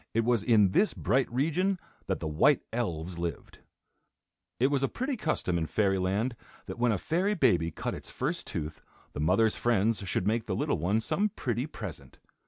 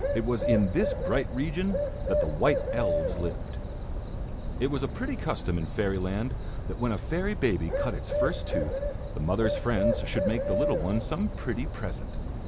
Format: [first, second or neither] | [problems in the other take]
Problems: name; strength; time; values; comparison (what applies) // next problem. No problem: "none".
first | background sound (Bird); as loud as the speech